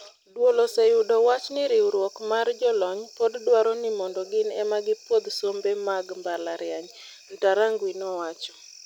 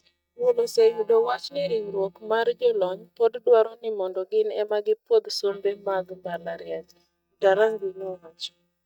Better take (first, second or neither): first